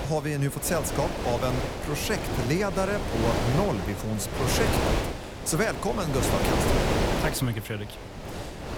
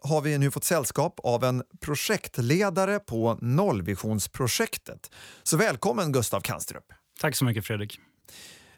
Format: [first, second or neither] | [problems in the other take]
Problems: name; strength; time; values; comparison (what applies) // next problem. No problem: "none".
second | wind noise on the microphone; heavy; as loud as the speech